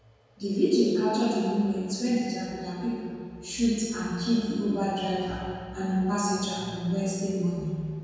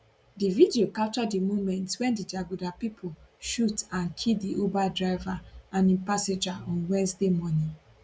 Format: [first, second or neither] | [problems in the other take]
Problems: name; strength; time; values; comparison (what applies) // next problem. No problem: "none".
second | room echo; dies away in 1.9 s